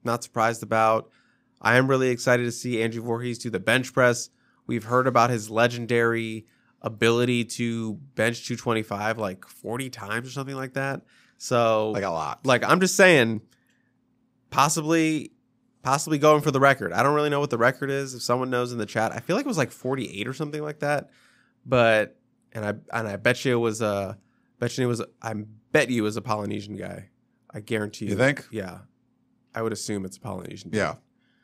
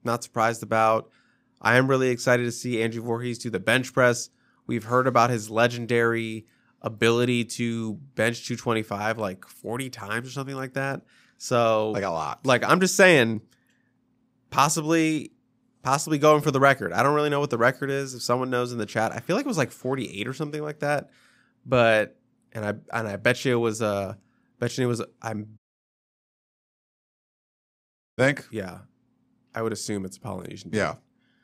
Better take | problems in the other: first | audio cutting out; at 26 s for 2.5 s

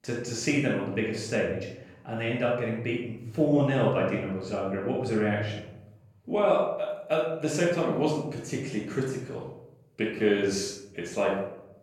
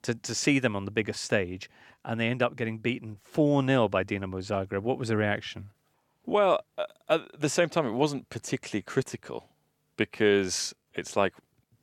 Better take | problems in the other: second | off-mic speech; far // room echo; noticeable; dies away in 0.7 s

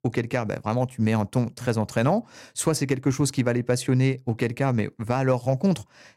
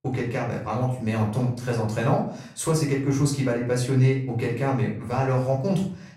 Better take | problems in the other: first | off-mic speech; far // room echo; slight; dies away in 0.4 s

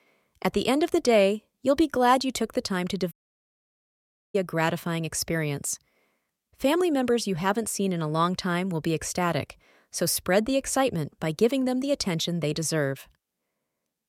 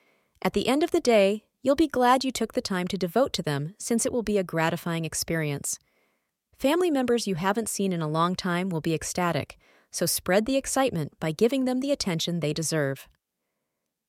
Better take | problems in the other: second | audio cutting out; at 3 s for 1 s

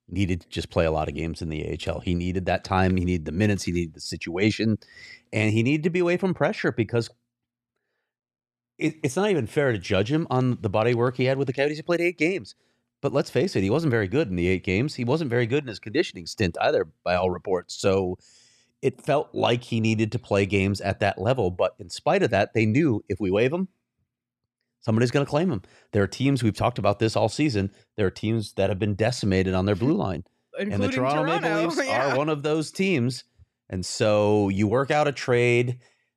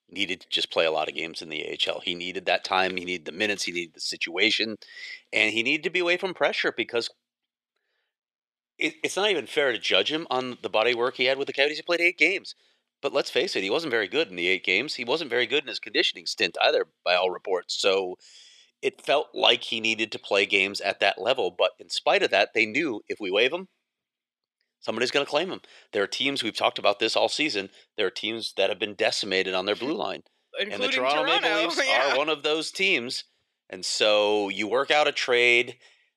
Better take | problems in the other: first | thin; somewhat; fading below 450 Hz

